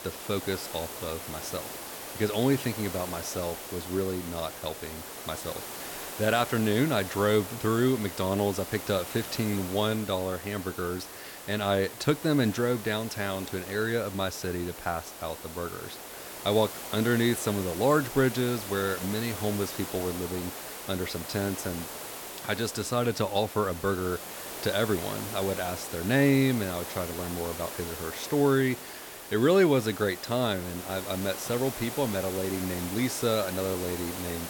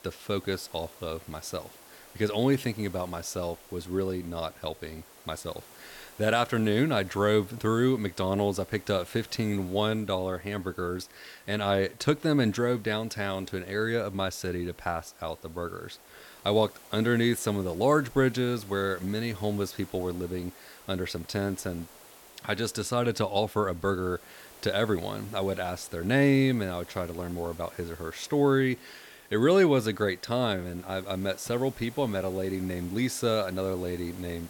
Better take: second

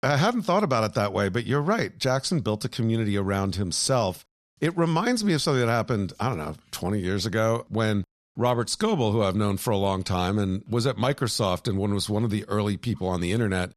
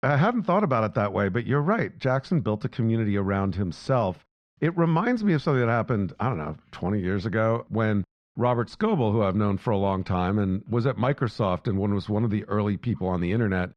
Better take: first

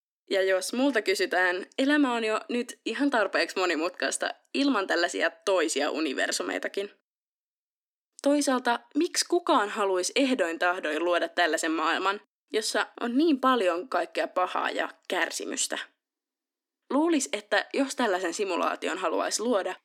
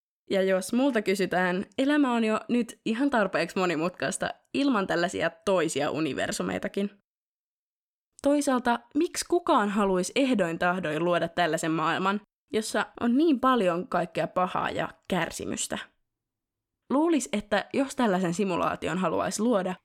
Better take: second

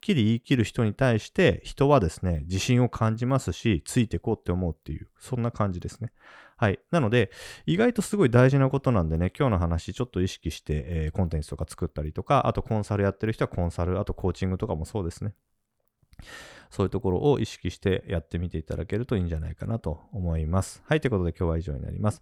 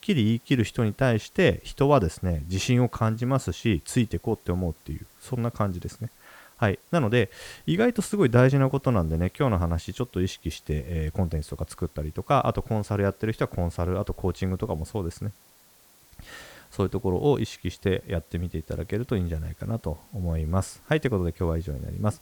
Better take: first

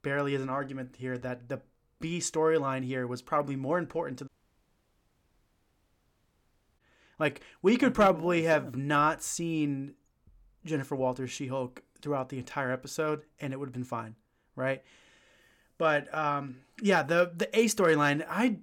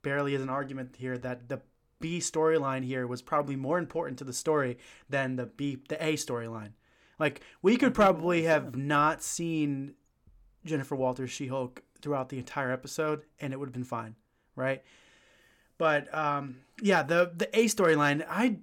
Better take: second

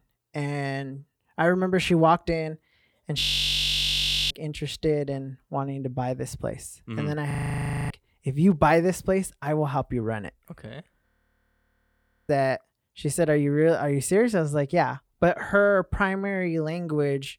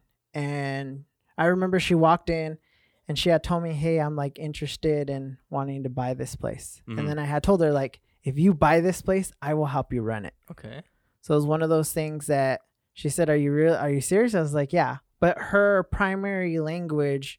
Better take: second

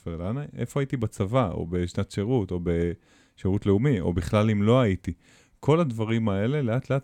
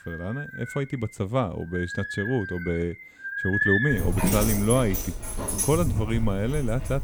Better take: first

